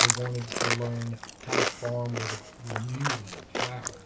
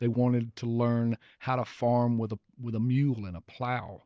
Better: second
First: background sound (Chewing, mastication); 3 dB above the speech // room echo; dies away in 0.2 s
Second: none

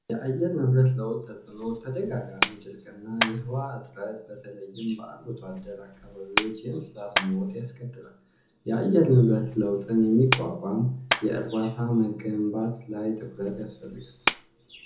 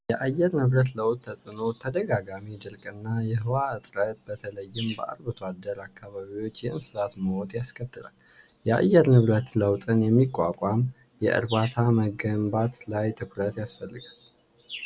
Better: second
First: background sound (Clapping); 8 dB below the speech // room echo; dies away in 0.5 s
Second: none

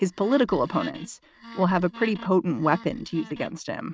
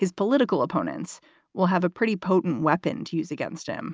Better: second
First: noise reduction (neural mask model RNNoise)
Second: none

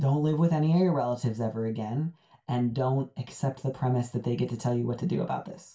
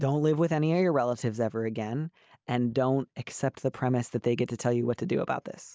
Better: second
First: room echo; dies away in 0.2 s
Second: none

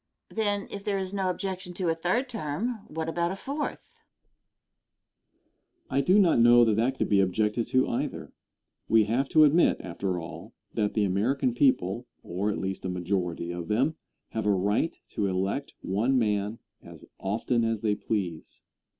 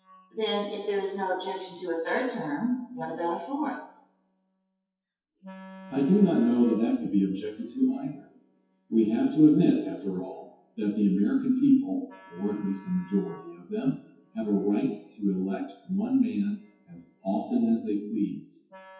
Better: first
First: none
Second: noise reduction (classical method WPE with log-MMSE)

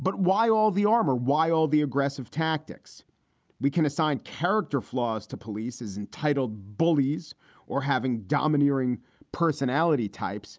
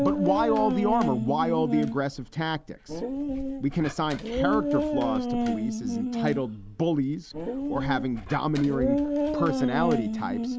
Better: first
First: none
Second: background sound (Dog); 1 dB below the speech

